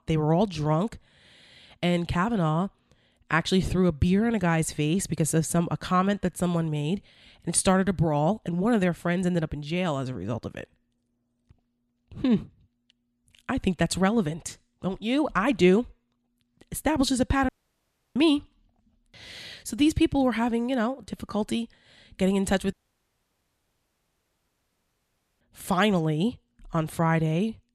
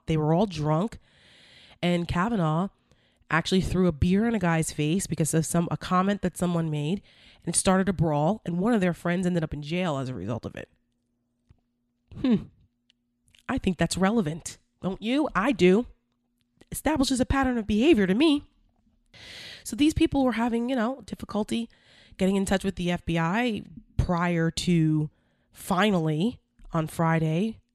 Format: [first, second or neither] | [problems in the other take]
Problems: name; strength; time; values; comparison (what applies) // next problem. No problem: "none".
second | audio cutting out; at 17 s for 0.5 s and at 23 s for 2.5 s